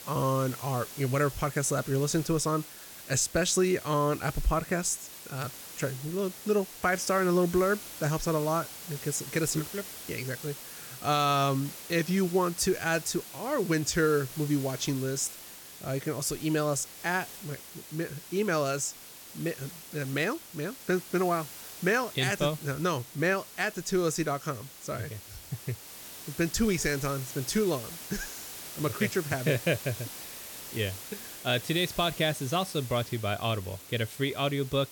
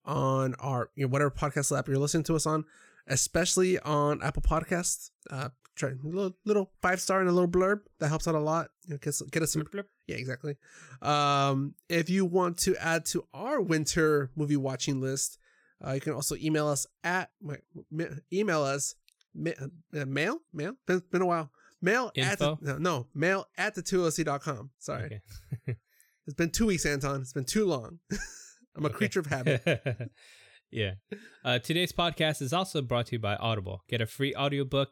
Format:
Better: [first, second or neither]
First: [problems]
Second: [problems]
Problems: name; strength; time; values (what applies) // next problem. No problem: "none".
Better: second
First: hiss; noticeable; throughout; 10 dB below the speech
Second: none